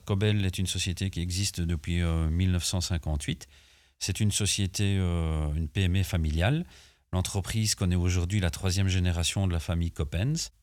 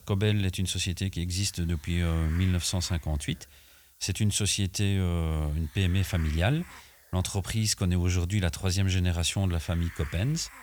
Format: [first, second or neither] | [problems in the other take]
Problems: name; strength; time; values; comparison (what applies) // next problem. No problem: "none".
first | hiss; faint; throughout; 20 dB below the speech